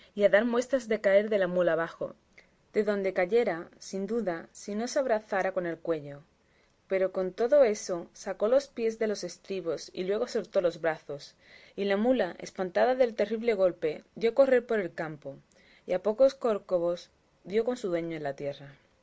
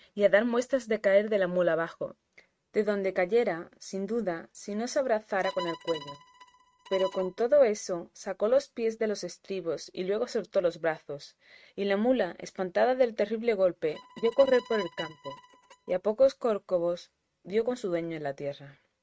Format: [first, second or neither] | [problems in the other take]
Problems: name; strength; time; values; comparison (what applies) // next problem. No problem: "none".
first | noise reduction (neural mask model RNNoise)